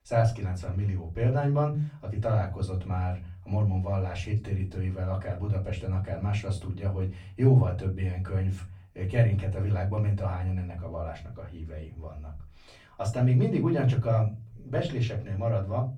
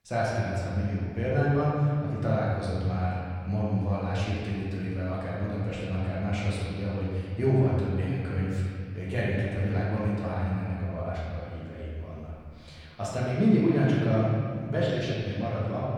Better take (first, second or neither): first